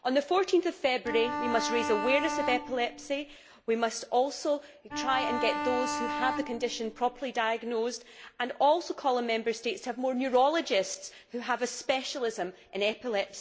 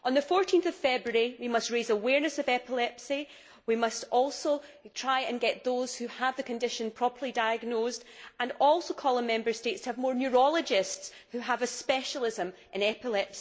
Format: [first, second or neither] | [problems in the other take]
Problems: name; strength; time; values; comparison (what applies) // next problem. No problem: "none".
second | background sound (Bowed string instrument); 4 dB below the speech